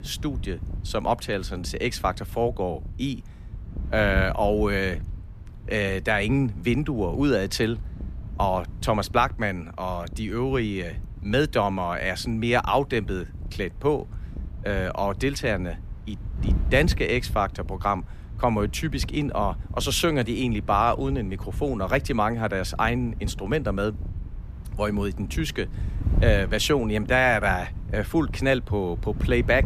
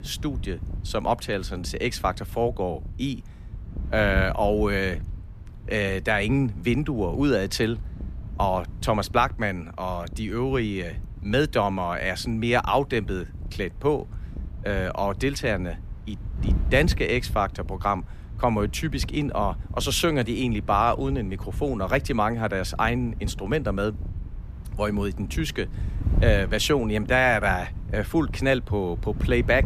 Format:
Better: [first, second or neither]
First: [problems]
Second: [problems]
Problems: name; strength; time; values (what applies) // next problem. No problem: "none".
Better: neither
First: wind noise on the microphone; occasional gusts; 20 dB below the speech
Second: wind noise on the microphone; occasional gusts; 20 dB below the speech